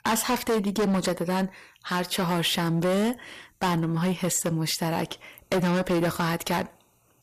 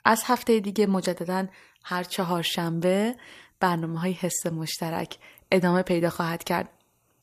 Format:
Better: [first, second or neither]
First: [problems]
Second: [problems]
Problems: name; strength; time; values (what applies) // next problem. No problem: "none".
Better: second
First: distortion; heavy; 16% of the sound clipped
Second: none